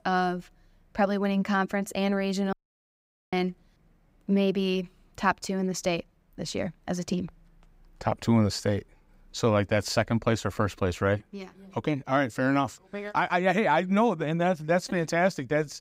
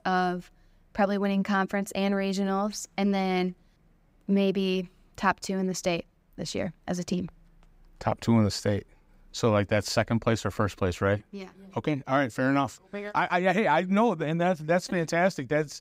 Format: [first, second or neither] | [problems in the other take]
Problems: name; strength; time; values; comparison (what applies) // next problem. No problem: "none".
second | audio cutting out; at 2.5 s for 1 s